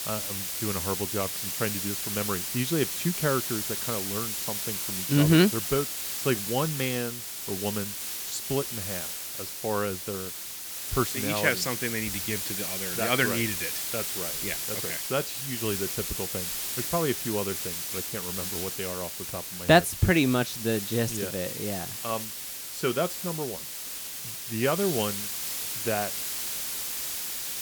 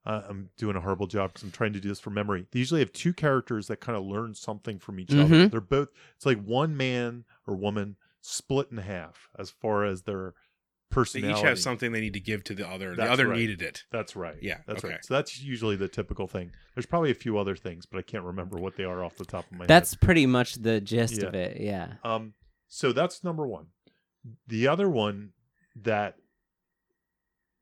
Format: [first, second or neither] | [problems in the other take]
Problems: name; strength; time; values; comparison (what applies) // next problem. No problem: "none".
second | hiss; loud; throughout; 1 dB below the speech